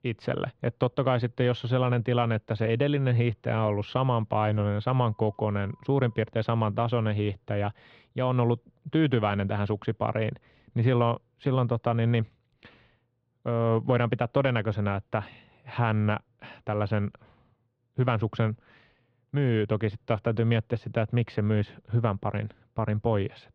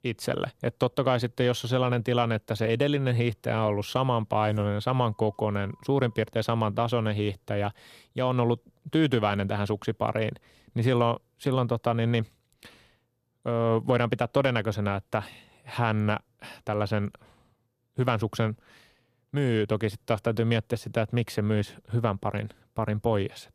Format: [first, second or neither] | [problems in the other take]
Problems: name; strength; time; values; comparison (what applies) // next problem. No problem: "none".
second | muffled; slightly; fading above 3 kHz